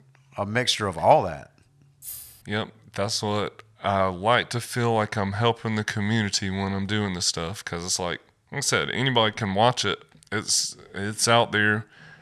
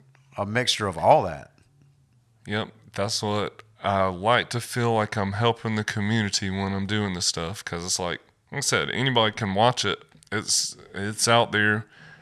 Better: second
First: jangling keys; faint; at 2 s; peak 15 dB below the speech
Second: none

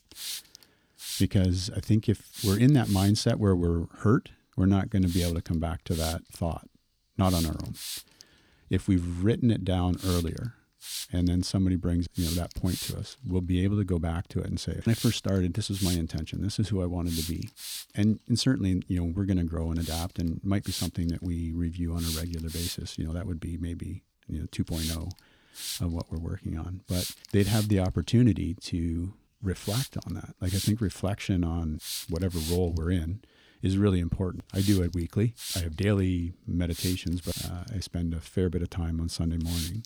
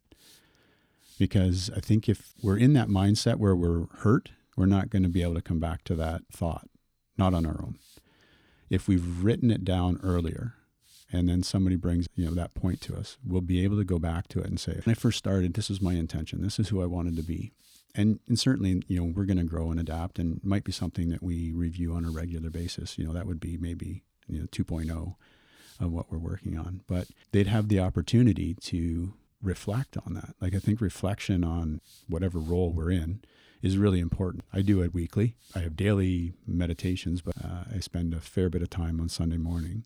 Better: second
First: hiss; loud; throughout; 8 dB below the speech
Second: hiss; faint; throughout; 30 dB below the speech

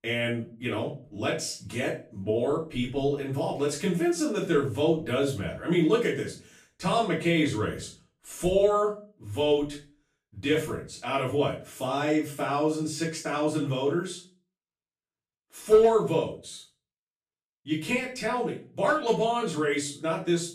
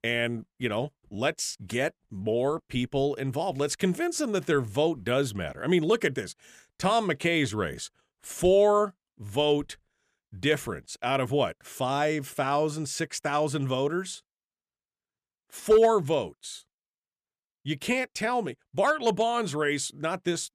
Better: second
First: off-mic speech; far // room echo; slight; dies away in 0.3 s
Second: none

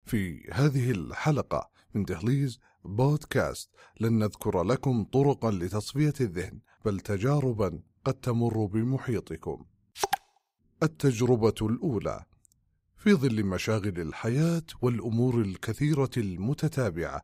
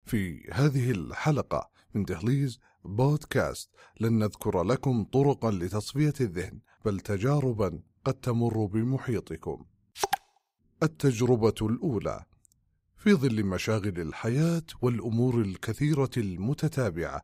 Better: neither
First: none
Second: none

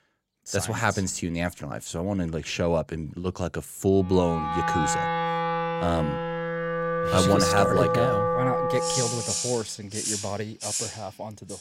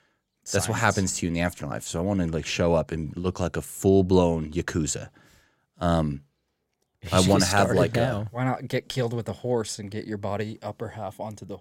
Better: second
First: background music; very loud; from 4.5 s on; 1 dB above the speech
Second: none

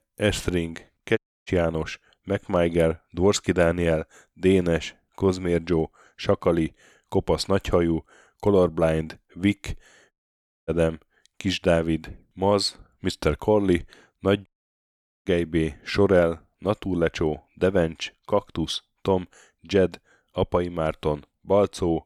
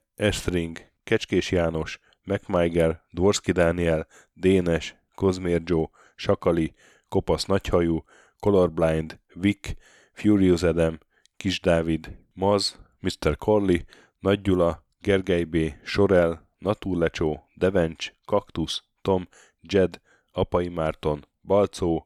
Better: second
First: audio cutting out; at 1 s, at 10 s for 0.5 s and at 14 s for 1 s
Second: none

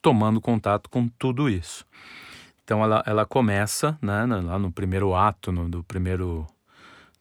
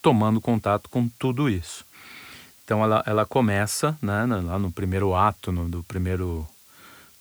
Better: first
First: none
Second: hiss; faint; throughout; 25 dB below the speech

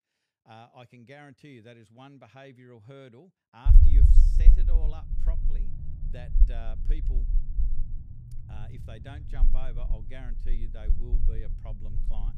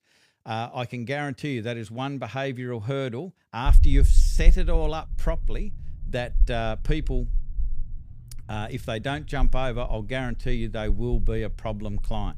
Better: second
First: low rumble; loud; from 3.5 s on; 1 dB below the speech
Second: low rumble; faint; from 3.5 s on; 20 dB below the speech

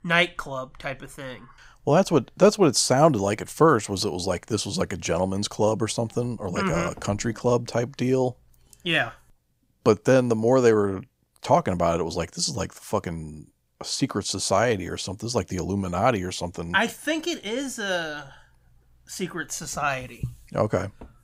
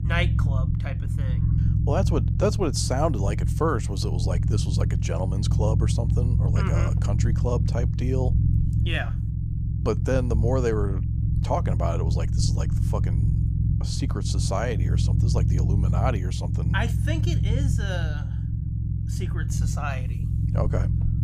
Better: first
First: none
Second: low rumble; loud; throughout; 7 dB below the speech

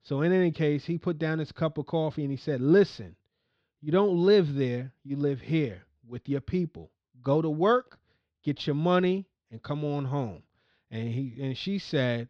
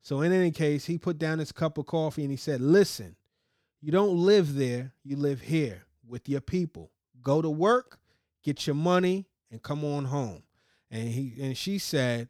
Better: second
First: muffled; very slightly; fading above 4 kHz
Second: none

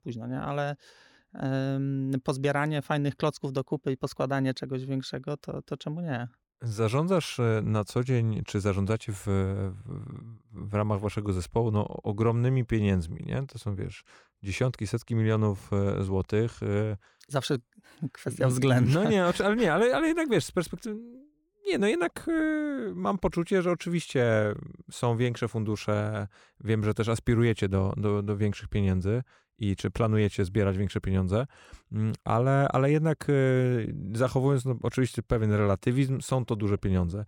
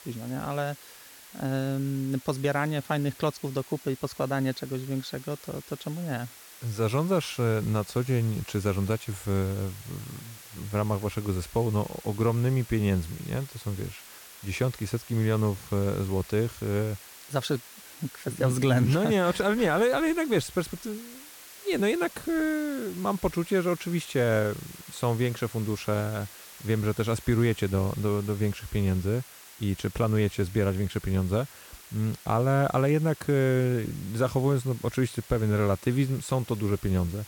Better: first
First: none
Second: hiss; noticeable; throughout; 15 dB below the speech

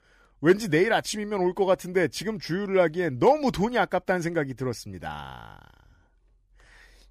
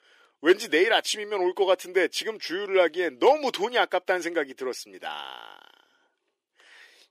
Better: first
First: none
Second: thin; somewhat; fading below 350 Hz

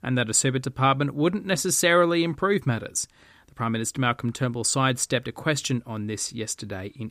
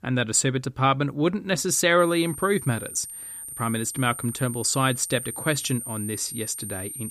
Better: first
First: none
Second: high-pitched whine; loud; from 2 s on; 9 kHz, 9 dB below the speech

